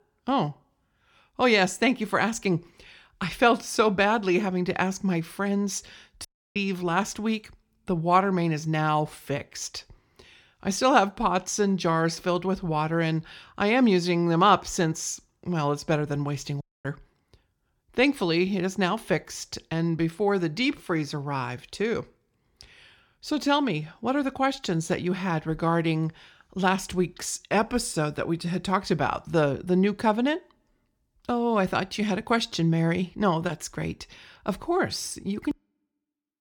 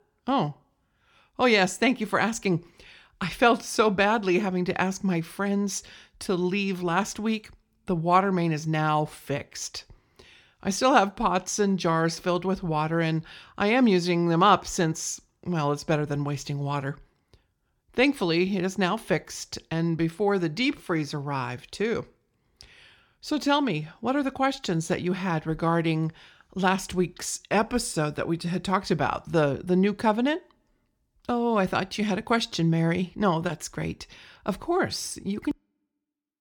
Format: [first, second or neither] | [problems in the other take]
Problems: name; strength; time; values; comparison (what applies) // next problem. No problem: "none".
second | audio cutting out; at 6.5 s and at 17 s